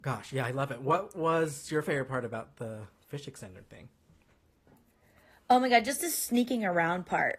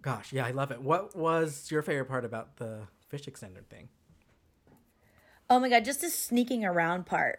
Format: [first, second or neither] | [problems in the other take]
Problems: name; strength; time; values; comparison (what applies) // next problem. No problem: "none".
second | garbled, watery; slightly; nothing above 14 kHz